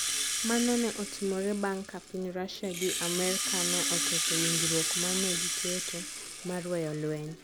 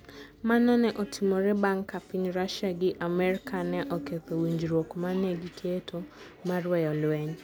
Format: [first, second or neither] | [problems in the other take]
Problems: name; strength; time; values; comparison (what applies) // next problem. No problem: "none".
second | background sound (Rattle (instrument)); 1 dB above the speech